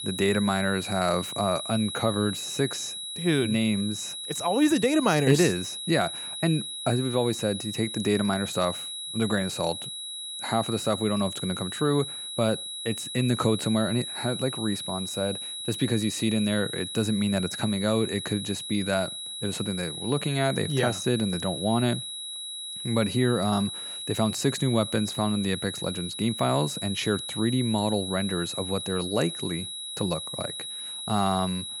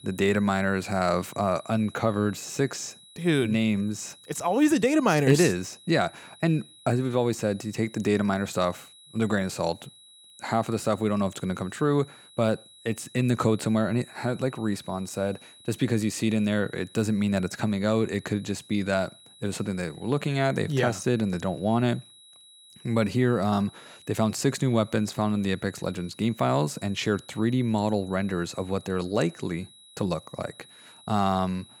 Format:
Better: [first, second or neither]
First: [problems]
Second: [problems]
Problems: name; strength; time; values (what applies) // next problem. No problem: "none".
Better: second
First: high-pitched whine; loud; throughout; 4 kHz, 6 dB below the speech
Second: high-pitched whine; faint; throughout; 4 kHz, 25 dB below the speech